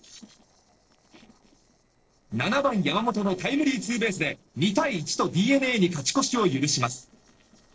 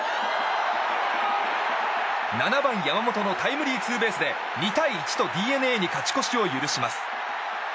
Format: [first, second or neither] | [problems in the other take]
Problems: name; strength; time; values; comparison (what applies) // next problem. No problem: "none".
second | noise reduction (neural separator model SepFormer DNS4)